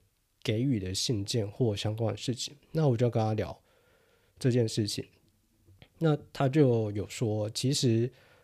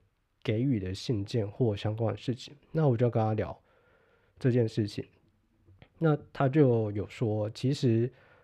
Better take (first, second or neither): first